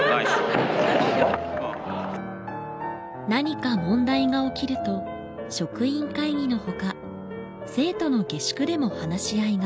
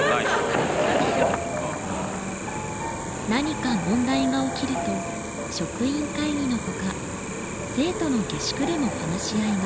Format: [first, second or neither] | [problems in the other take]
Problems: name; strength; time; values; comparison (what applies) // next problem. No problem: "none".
first | background sound (Cricket); 6 dB below the speech